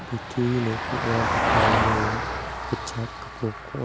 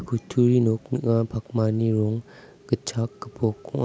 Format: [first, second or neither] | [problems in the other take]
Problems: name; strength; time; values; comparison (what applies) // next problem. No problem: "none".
second | background sound (Vehicle); 3 dB above the speech